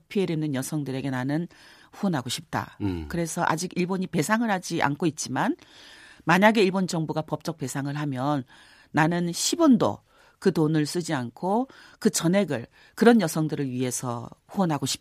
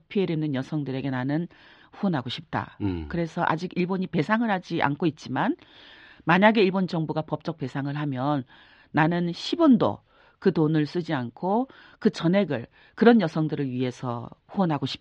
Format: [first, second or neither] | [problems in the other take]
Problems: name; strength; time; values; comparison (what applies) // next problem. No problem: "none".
first | muffled; slightly; fading above 3.5 kHz